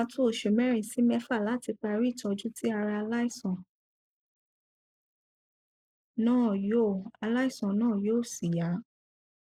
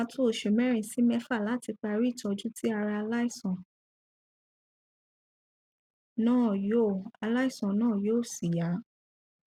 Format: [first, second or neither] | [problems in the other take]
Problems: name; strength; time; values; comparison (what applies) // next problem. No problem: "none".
second | noise reduction (neural mask model Resemble Enhance denoiser)